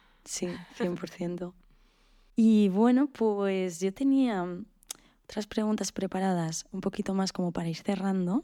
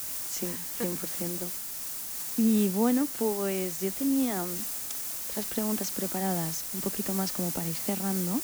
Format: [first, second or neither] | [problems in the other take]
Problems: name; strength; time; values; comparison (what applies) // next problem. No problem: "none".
first | hiss; loud; throughout; 1 dB below the speech